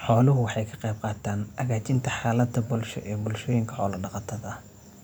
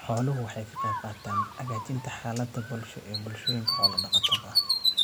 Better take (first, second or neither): first